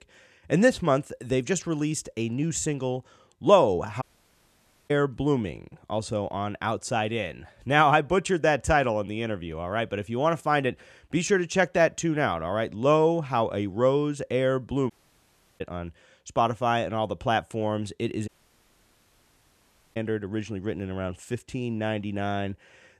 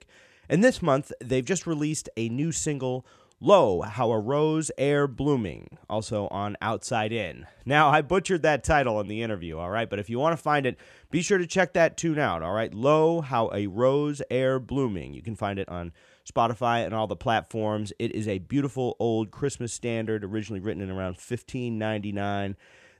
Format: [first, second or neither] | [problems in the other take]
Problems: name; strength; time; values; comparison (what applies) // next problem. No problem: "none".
second | audio cutting out; at 4 s for 1 s, at 15 s for 0.5 s and at 18 s for 1.5 s